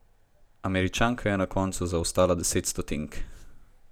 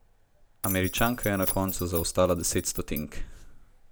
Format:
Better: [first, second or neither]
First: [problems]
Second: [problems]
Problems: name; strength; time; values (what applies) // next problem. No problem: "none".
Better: first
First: none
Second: background sound (Keys jangling); 7 dB below the speech